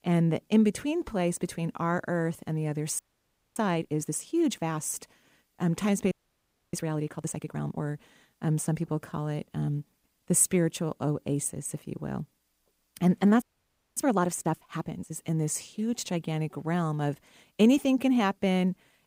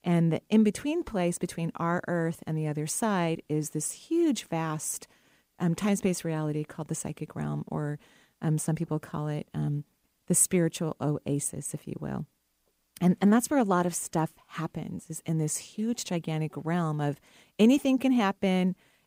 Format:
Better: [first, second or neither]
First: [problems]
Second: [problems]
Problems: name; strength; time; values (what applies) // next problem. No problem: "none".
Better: second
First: audio freezing; at 3 s for 0.5 s, at 6 s for 0.5 s and at 13 s for 0.5 s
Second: none